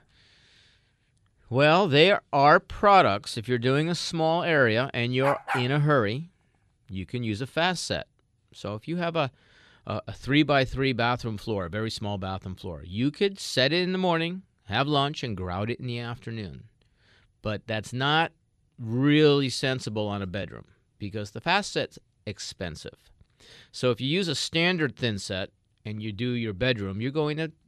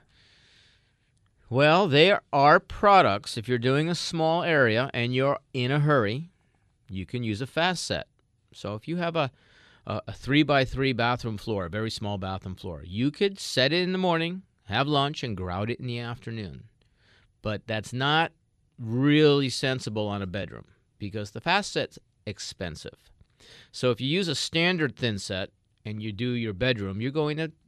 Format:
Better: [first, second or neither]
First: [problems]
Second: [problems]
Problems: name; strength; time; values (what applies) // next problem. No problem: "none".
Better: second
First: dog barking; noticeable; at 5 s; peak 4 dB below the speech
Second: none